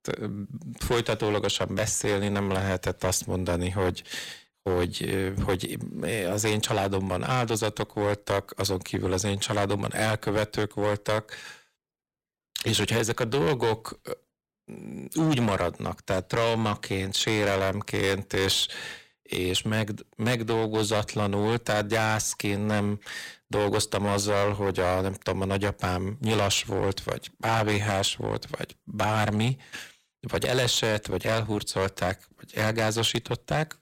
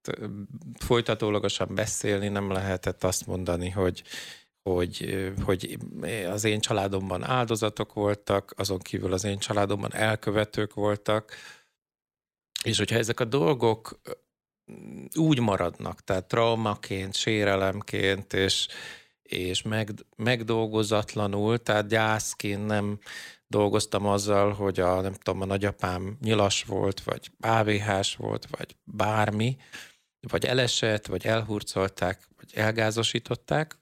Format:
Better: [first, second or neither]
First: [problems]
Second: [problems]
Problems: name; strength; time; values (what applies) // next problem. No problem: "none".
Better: second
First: distortion; heavy; 8% of the sound clipped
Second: none